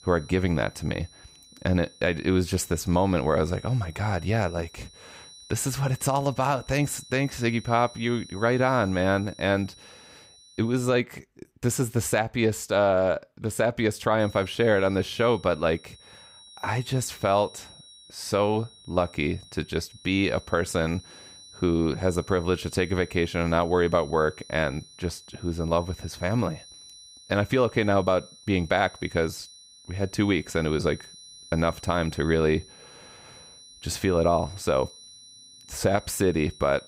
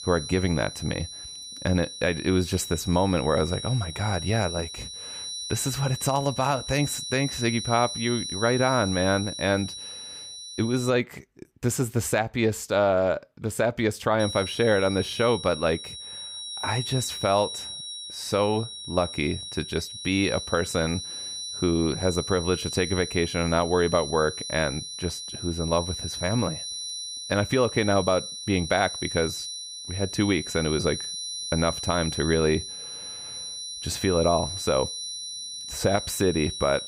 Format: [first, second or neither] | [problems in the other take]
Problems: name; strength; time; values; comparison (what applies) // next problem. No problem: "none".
first | high-pitched whine; loud; until 11 s and from 14 s on; 4 kHz, 7 dB below the speech; faint in the first